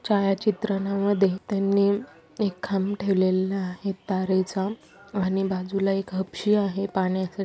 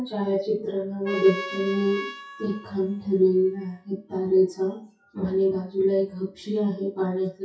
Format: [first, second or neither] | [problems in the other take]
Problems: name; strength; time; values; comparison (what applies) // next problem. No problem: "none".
first | noise reduction (classical method WPE with log-MMSE)